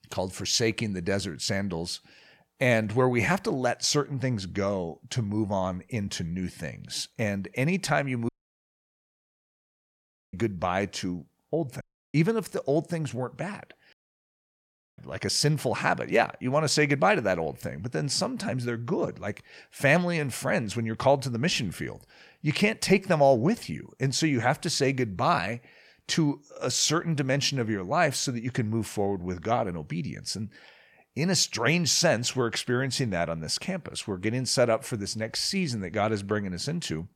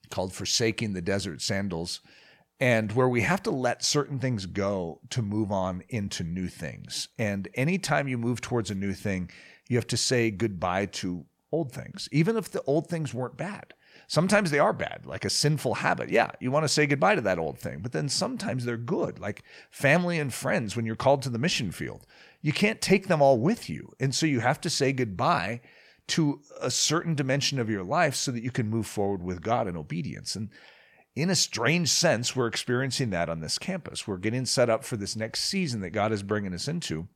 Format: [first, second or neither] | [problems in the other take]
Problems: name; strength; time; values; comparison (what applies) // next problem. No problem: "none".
second | audio cutting out; at 8.5 s for 2 s, at 12 s and at 14 s for 1 s